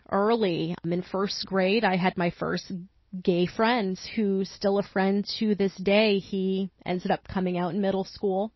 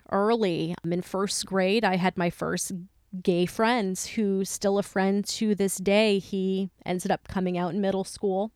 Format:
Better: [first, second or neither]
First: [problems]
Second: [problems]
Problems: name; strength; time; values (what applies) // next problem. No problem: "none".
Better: second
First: garbled, watery; slightly; nothing above 5.5 kHz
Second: none